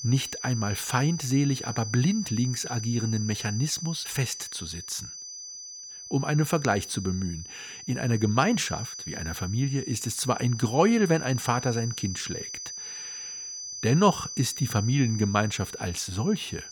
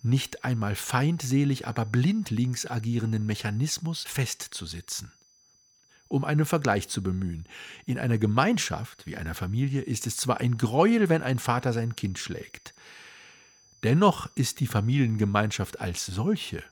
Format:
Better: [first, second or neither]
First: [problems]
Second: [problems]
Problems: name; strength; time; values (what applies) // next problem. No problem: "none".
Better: second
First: high-pitched whine; loud; throughout; 6 kHz, 9 dB below the speech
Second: high-pitched whine; faint; throughout; 6 kHz, 30 dB below the speech